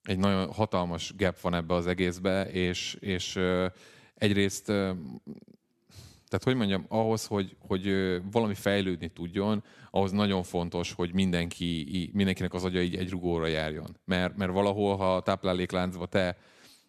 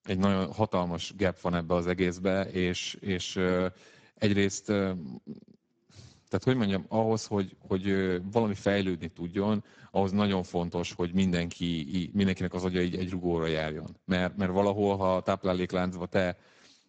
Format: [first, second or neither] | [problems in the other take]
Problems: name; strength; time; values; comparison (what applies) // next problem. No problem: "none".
first | garbled, watery; badly; nothing above 7.5 kHz